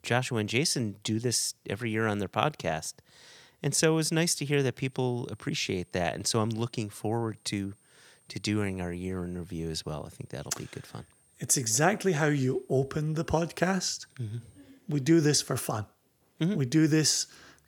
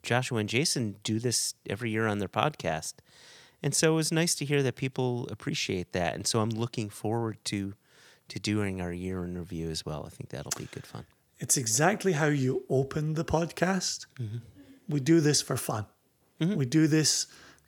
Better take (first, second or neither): second